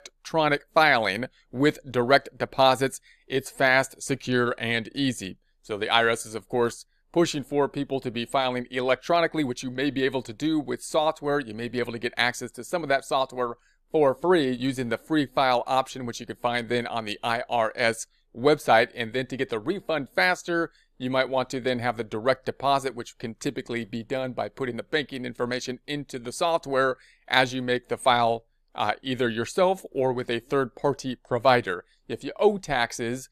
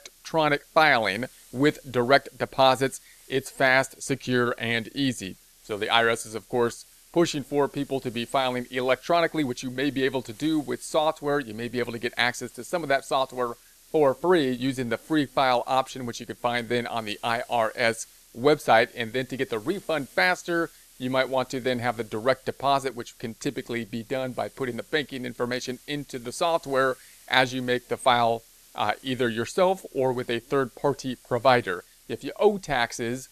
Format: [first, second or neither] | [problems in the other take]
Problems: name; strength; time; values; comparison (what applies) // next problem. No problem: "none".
first | hiss; faint; throughout; 25 dB below the speech